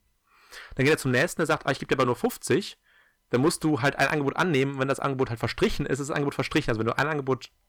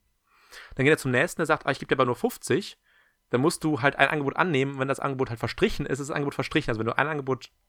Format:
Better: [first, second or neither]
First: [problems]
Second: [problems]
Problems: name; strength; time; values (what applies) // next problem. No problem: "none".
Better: second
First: distortion; slight; 3% of the sound clipped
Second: none